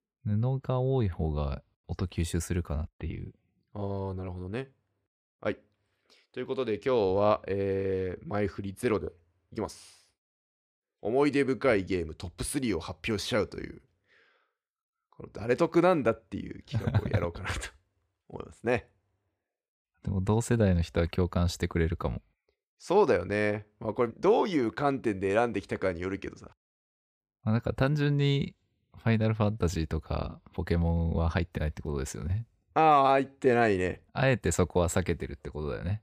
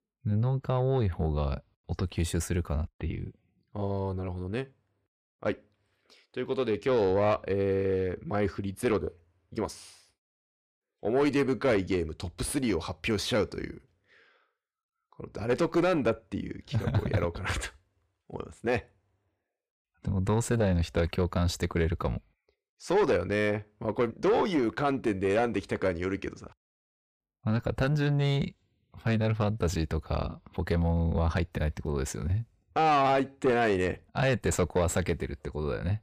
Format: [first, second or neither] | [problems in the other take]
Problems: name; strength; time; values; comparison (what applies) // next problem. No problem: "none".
first | distortion; slight; 9 dB below the speech